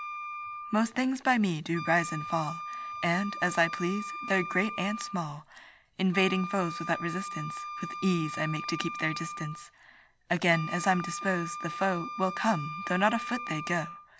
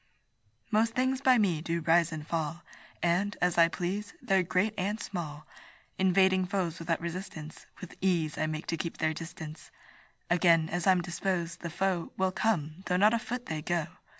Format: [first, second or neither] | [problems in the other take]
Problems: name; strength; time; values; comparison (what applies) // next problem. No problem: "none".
second | background sound (Wind instrument, woodwind instrument); 9 dB below the speech